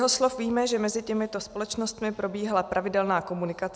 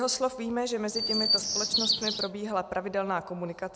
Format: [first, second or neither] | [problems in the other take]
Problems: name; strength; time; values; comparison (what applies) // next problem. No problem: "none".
first | background sound (Chirp, tweet); 1 dB below the speech